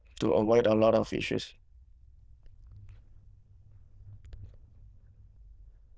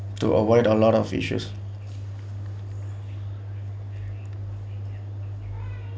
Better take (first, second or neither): second